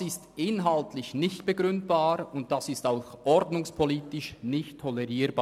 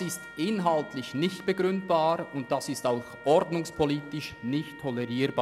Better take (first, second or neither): first